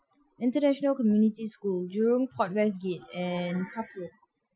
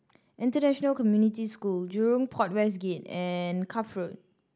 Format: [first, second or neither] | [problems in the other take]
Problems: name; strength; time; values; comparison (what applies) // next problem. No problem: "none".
second | noise reduction (classical method Wiener filter)